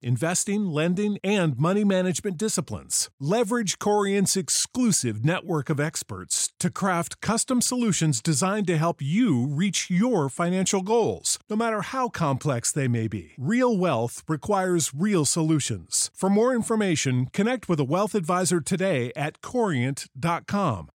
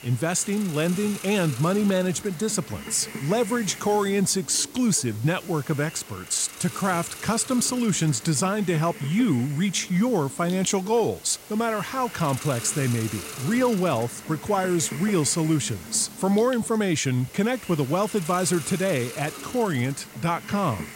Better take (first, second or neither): first